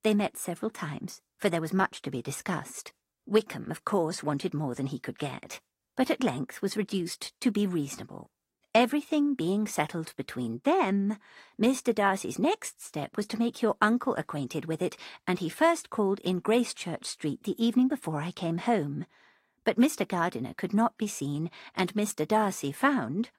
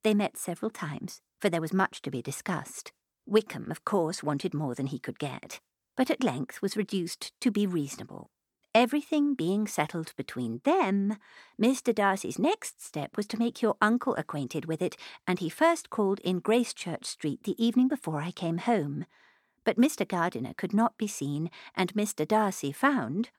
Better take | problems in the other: second | garbled, watery; slightly; nothing above 14.5 kHz

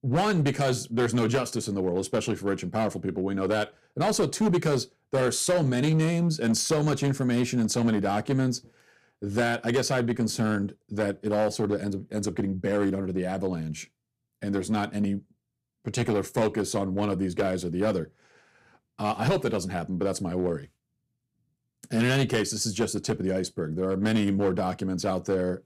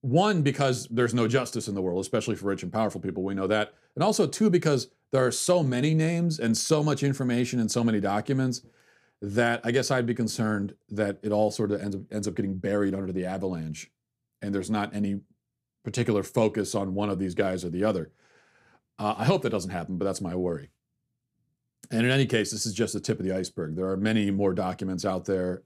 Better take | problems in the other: second | distortion; slight; 5% of the sound clipped

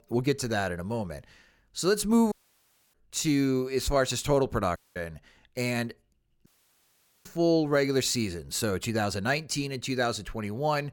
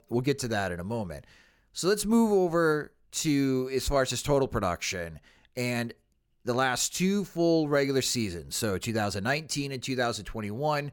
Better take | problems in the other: second | audio cutting out; at 2.5 s for 0.5 s, at 5 s and at 6.5 s for 1 s

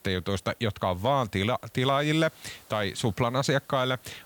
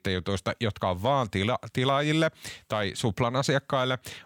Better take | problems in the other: second | hiss; faint; throughout; 25 dB below the speech

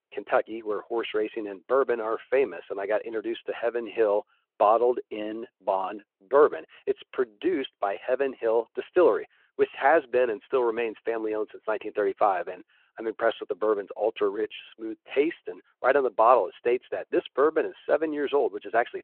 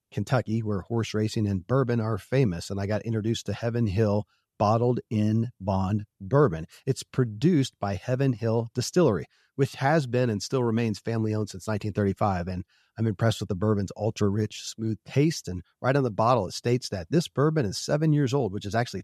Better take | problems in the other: second | phone-call audio

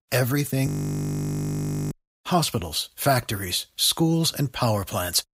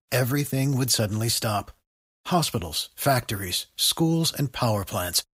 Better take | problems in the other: second | audio freezing; at 0.5 s for 1 s

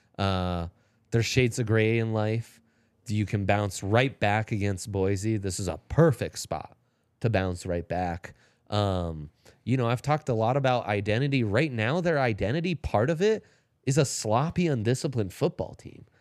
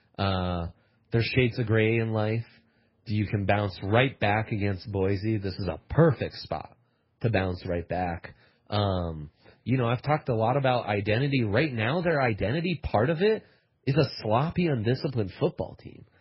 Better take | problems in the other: first | garbled, watery; badly; nothing above 5.5 kHz

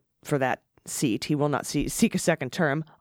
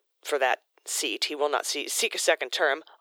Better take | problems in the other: first | thin; very; fading below 400 Hz

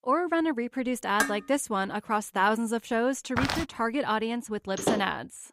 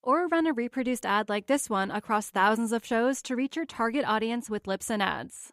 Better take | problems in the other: second | clattering dishes; noticeable; at 1 s; peak 1 dB below the speech // footsteps; noticeable; at 3.5 s; peak 1 dB below the speech // door banging; noticeable; at 5 s; peak 2 dB below the speech

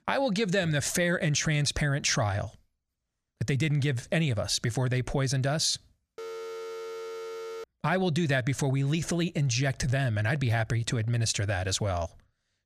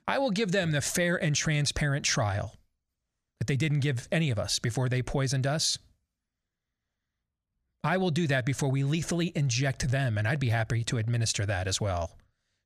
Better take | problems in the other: second | phone ringing; faint; from 6 to 7.5 s; peak 10 dB below the speech

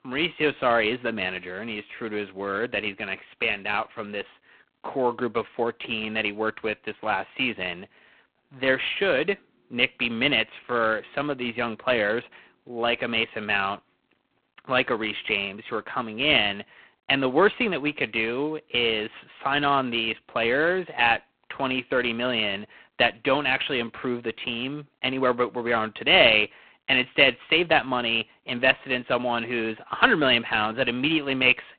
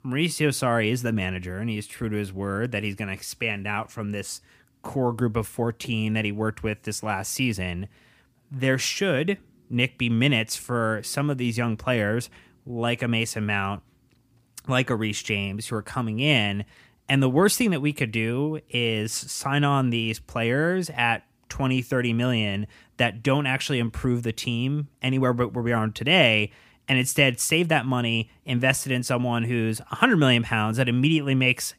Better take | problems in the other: second | phone-call audio; poor line

